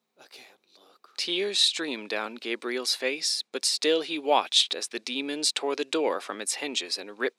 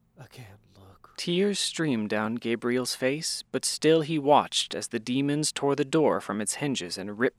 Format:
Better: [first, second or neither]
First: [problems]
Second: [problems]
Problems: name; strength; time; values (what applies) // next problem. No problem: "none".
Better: second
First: thin; somewhat; fading below 300 Hz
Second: none